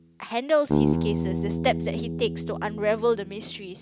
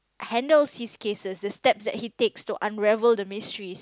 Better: second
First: background sound (Bass guitar); 1 dB below the speech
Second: none

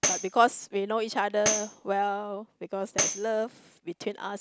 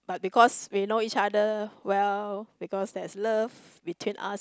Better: second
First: background sound (Tambourine); 5 dB below the speech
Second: none

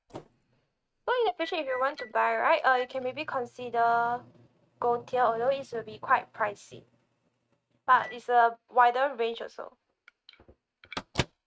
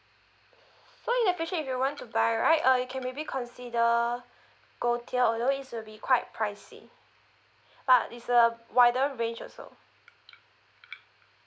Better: second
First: noise reduction (neural mask model RNNoise)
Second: none

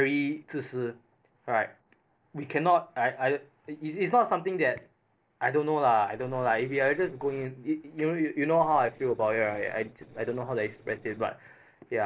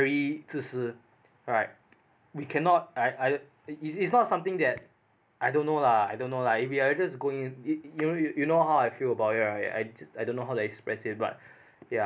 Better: second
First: noise reduction (neural separator model SepFormer DNS4)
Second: none

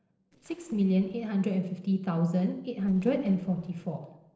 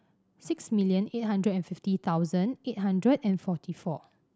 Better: second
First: noise reduction (neural separator model SepFormer DNS4)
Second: none

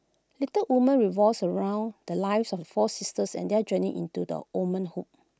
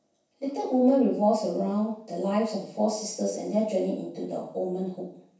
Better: first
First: none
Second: room echo; dies away in 0.7 s

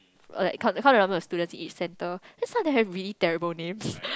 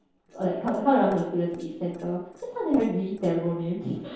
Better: first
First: none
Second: noise reduction (neural separator model SepFormer DNS4)

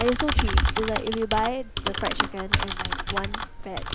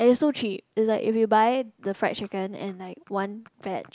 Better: second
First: background sound (Typing); 3 dB above the speech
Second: none

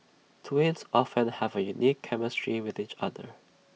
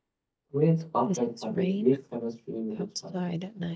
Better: first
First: none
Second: noise reduction (neural mask model DeepFilterNet 3)

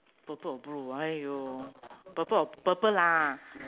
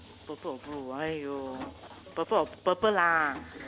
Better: first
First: none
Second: background sound (Mechanisms); 19 dB below the speech

